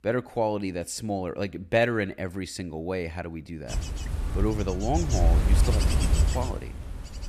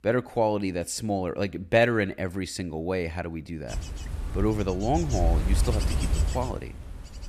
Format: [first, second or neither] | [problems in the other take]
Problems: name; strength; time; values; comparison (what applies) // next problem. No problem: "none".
second | wind noise on the microphone; heavy; from 3.5 s on; 6 dB below the speech; occasional gusts in the second